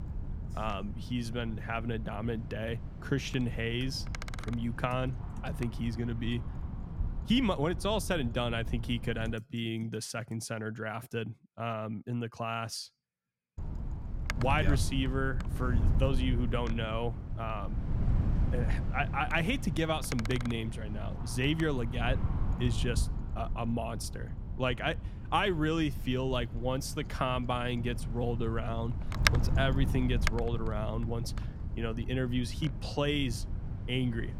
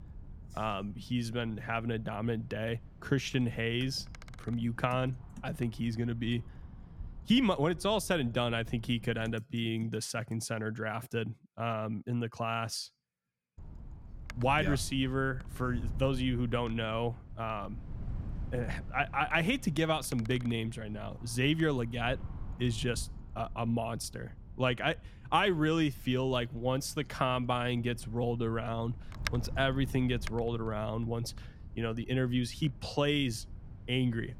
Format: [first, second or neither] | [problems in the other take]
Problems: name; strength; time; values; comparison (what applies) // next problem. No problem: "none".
second | wind noise on the microphone; heavy; until 9.5 s and from 14 s on; 9 dB below the speech; occasional gusts in the second